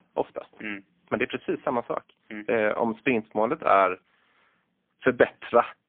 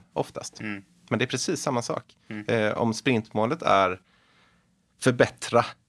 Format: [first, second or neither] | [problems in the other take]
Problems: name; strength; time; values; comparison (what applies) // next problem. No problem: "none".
second | phone-call audio; poor line